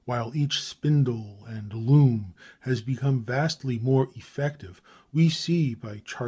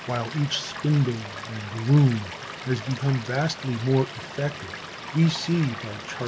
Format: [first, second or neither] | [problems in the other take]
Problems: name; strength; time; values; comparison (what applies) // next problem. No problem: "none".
first | background sound (Stream / Liquid); 12 dB below the speech